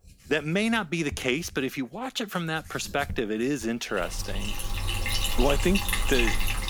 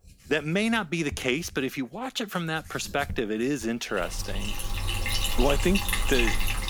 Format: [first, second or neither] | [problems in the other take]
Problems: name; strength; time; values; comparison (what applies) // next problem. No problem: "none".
neither | household noises; loud; throughout; 2 dB below the speech; the same in both